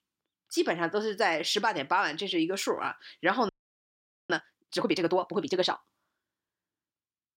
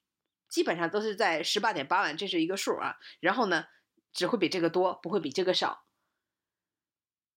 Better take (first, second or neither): second